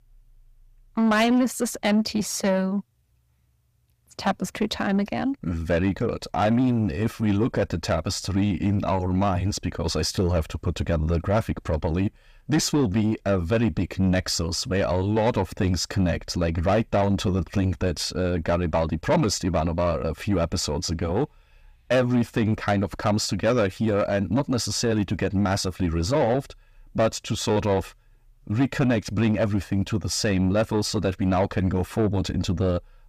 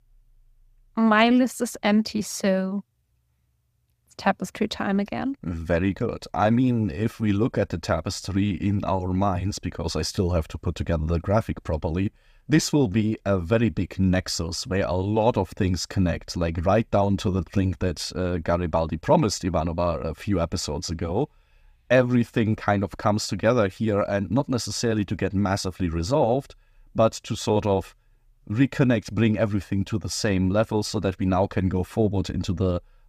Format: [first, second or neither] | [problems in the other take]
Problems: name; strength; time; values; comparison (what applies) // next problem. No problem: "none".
second | distortion; slight; 10 dB below the speech